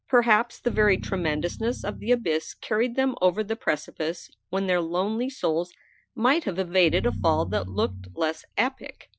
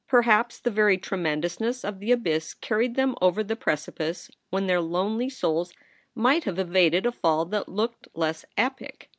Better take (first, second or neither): second